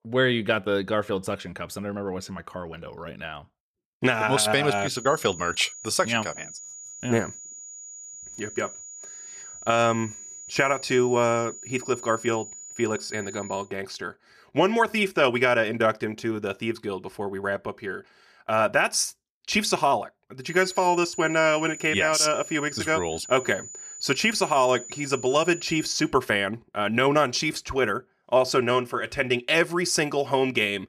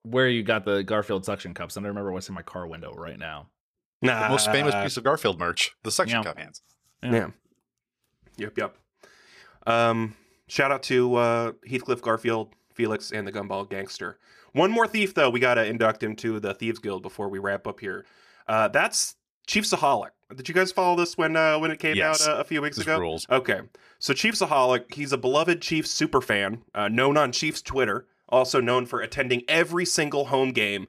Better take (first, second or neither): second